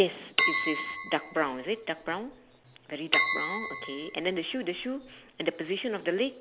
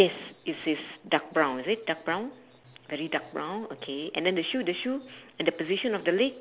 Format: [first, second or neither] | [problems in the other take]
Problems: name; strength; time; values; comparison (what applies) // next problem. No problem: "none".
second | background sound (Chink, clink); 1 dB below the speech